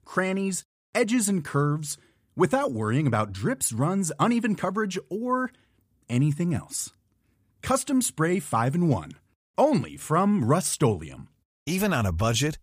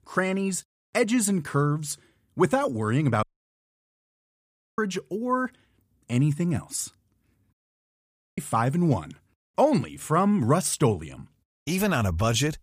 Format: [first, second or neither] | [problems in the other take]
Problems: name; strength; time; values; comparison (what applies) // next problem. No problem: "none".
first | audio cutting out; at 3 s for 1.5 s and at 7.5 s for 1 s